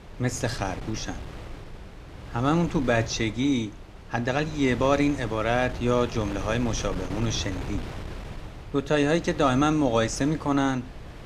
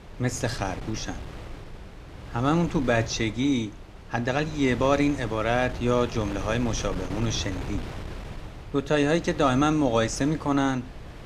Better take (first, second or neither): neither